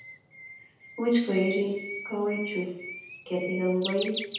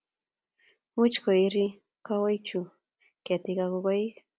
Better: second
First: background sound (Bird); 10 dB below the speech // room echo; dies away in 0.8 s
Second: none

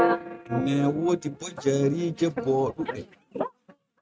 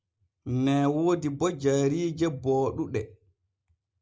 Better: second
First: noise reduction (neural mask model RNNoise)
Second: none

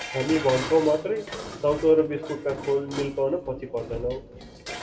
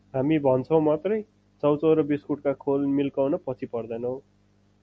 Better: second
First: background sound (Dishes, pots, and pans); 12 dB below the speech // room echo; dies away in 1.9 s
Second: none

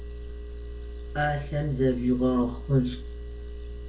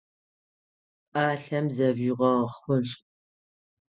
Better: second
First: background sound (Engine); 8 dB below the speech // room echo; dies away in 0.3 s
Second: none

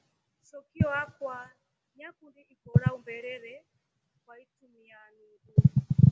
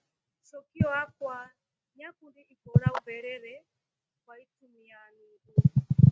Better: first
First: none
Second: noise reduction (neural mask model RNNoise)

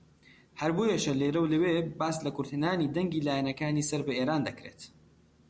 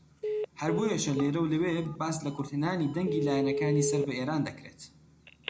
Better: first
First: none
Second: background sound (Telephone); 5 dB below the speech // room echo; dies away in 0.3 s

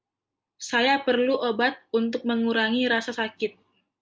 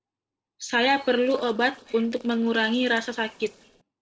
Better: first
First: none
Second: noise reduction (neural separator model SepFormer DNS4)

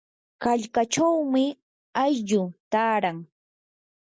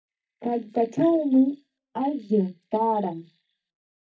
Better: first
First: none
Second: noise reduction (neural mask model DeepFilterNet 3)

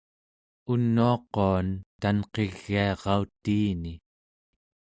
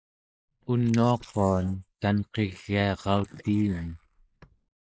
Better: first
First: none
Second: noise reduction (neural mask model Resemble Enhance denoiser)

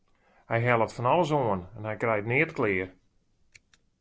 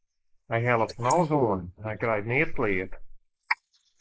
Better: first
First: none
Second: noise reduction (neural mask model Resemble Enhance denoiser)

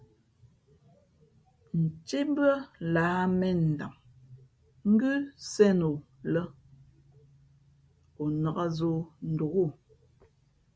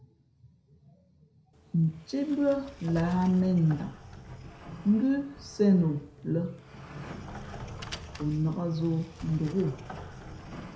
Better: first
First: none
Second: background sound (Sliding door); 15 dB below the speech // room echo; dies away in 0.5 s

